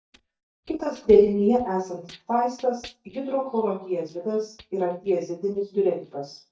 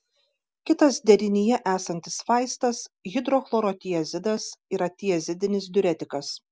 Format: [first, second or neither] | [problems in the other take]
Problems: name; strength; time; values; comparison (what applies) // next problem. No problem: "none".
second | noise reduction (neural mask model DeepFilterNet 3)